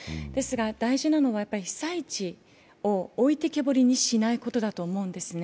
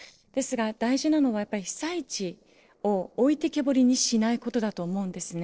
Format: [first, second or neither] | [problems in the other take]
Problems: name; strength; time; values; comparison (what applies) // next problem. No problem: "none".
first | noise reduction (neural separator model SepFormer DNS4)